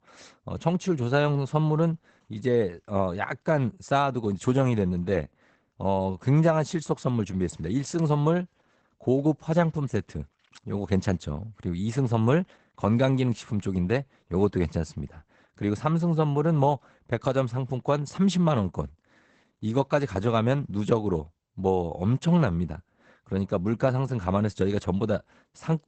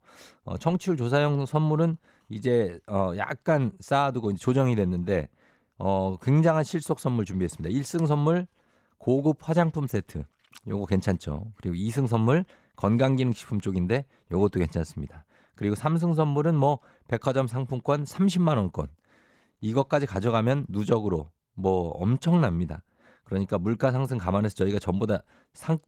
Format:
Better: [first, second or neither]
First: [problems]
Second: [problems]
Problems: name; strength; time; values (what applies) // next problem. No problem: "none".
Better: second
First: garbled, watery; badly; nothing above 8 kHz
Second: garbled, watery; slightly; nothing above 17.5 kHz